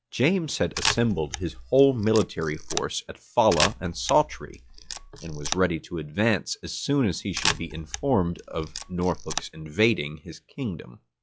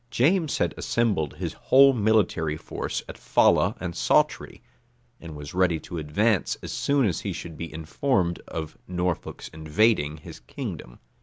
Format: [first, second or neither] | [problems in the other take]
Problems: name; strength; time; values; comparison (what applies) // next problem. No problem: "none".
second | noise reduction (classical method log-MMSE)